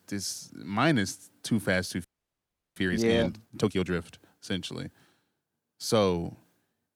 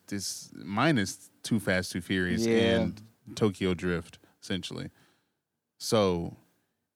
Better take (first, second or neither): second